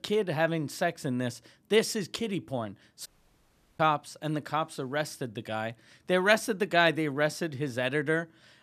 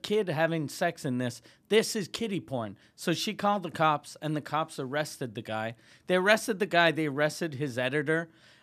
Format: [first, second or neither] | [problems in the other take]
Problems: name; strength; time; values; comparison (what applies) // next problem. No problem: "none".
second | audio cutting out; at 3 s for 0.5 s